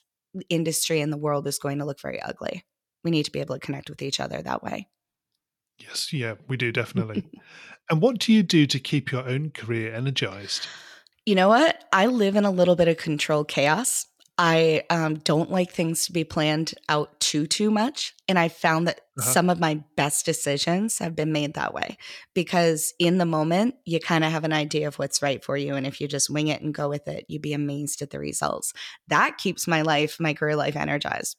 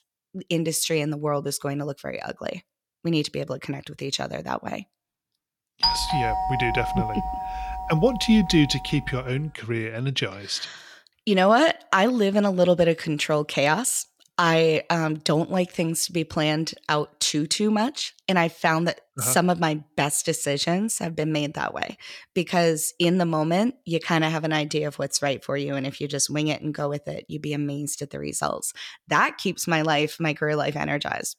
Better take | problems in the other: first | doorbell; loud; from 6 to 9 s; peak 3 dB above the speech

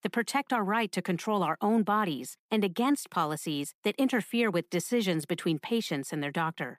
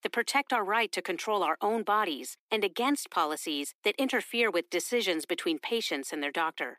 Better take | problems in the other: first | thin; somewhat; fading below 300 Hz

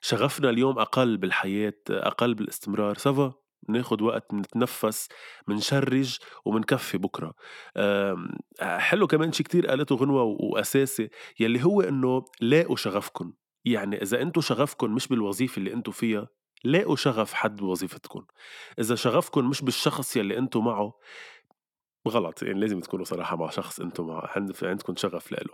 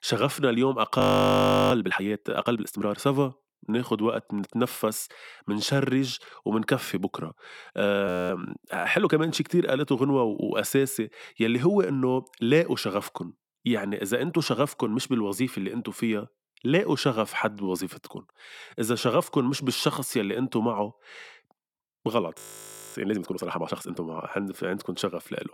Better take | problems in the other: first | audio freezing; at 1 s for 0.5 s, at 8 s and at 22 s for 0.5 s

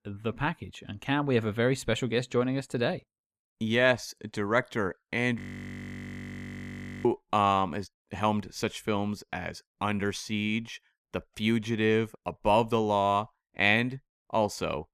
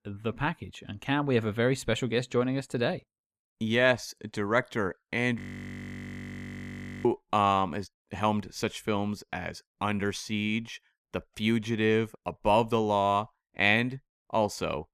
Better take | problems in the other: neither | audio freezing; at 5.5 s for 1.5 s; the same in both

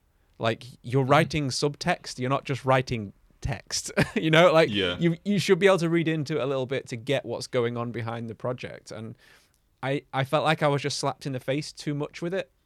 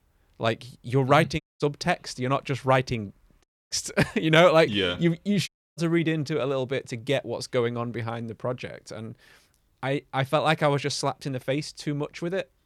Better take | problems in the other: first | audio cutting out; at 1.5 s, at 3.5 s and at 5.5 s

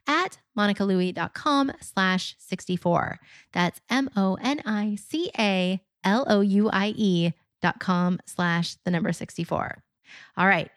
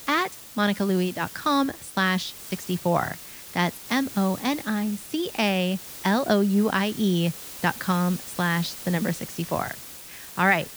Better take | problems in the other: first | hiss; noticeable; throughout; 15 dB below the speech

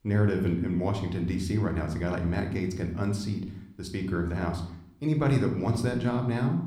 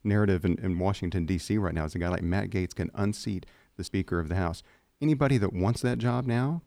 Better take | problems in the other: second | room echo; slight; dies away in 0.6 s

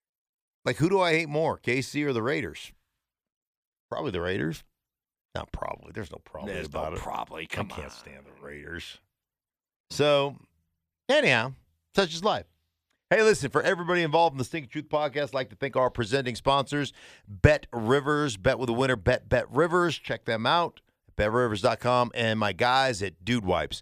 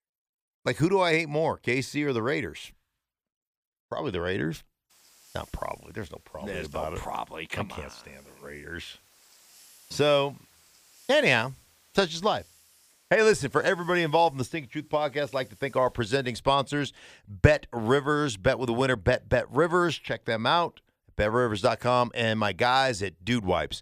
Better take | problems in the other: first | hiss; faint; from 5 to 16 s; 30 dB below the speech

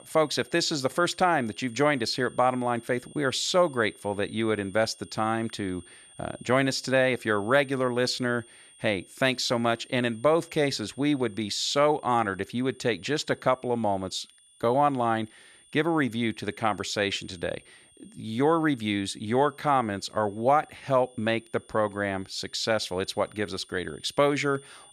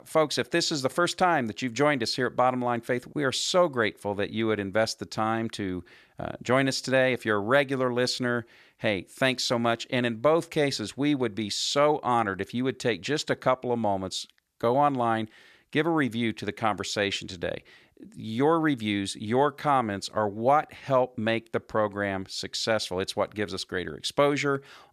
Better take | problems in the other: second | high-pitched whine; faint; throughout; 9 kHz, 25 dB below the speech

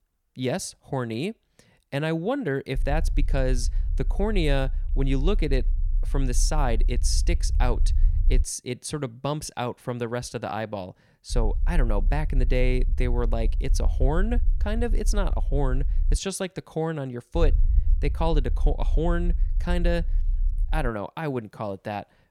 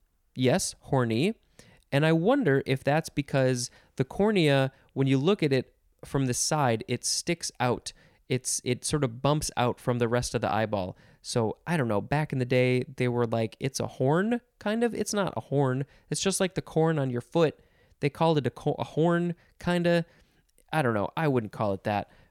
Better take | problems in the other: second | low rumble; faint; from 3 to 8.5 s, from 11 to 16 s and from 17 to 21 s; 20 dB below the speech

